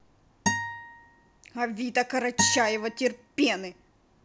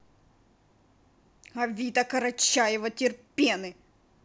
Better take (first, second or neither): second